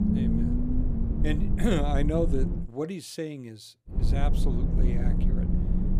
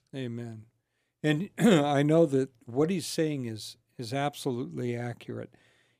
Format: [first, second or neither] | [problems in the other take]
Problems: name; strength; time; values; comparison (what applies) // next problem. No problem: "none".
second | low rumble; loud; until 2.5 s and from 4 s on; 4 dB below the speech